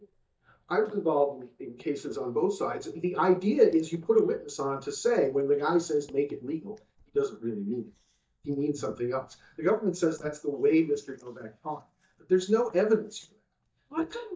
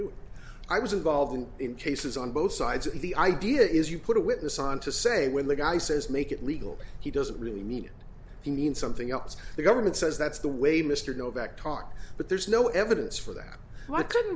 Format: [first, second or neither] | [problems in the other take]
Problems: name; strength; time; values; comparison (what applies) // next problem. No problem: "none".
second | noise reduction (neural mask model DeepFilterNet 3)